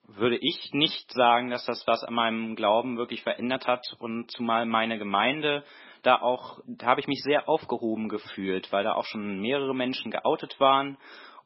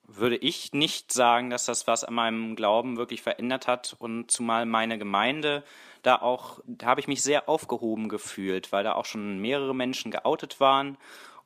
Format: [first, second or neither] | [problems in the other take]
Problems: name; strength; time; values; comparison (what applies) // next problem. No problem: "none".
second | garbled, watery; badly; nothing above 5.5 kHz